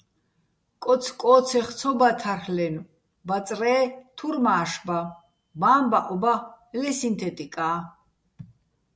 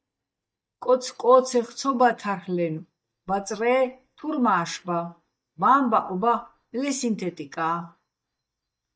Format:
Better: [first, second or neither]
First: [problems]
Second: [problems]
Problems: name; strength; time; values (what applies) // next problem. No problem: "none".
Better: first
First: none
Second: noise reduction (neural mask model DeepFilterNet 3)